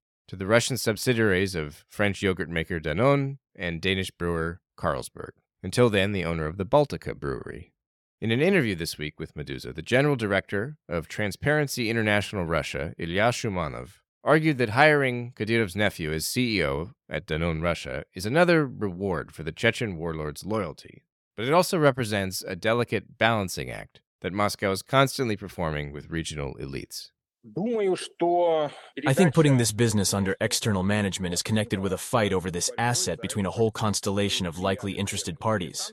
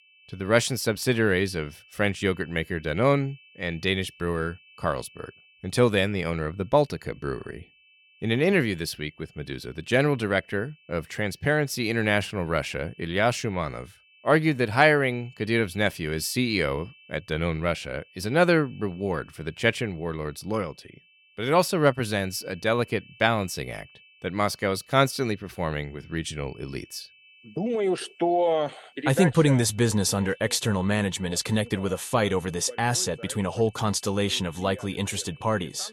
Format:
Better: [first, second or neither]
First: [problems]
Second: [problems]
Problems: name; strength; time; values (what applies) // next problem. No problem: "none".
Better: first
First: none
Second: high-pitched whine; faint; throughout; 2.5 kHz, 25 dB below the speech